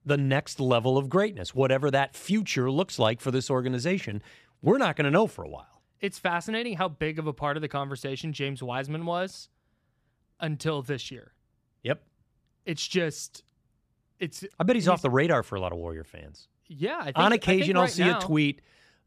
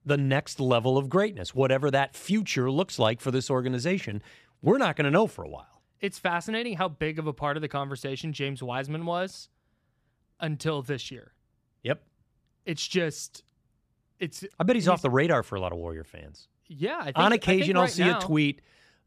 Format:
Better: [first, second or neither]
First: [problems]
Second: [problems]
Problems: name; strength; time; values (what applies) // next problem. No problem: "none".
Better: neither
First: none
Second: none